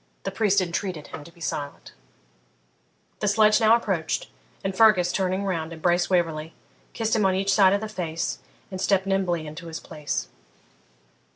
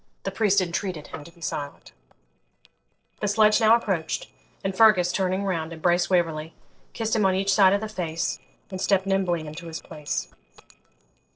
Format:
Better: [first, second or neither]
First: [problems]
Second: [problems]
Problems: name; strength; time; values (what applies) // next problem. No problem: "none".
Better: first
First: none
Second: noise reduction (neural separator model SepFormer DNS4)